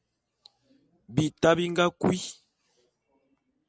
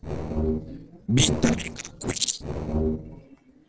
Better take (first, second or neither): first